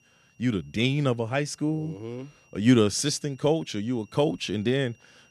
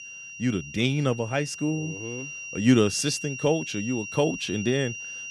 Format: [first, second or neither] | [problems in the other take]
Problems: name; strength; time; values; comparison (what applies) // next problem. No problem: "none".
first | high-pitched whine; loud; throughout; 3 kHz, 9 dB below the speech; faint in the first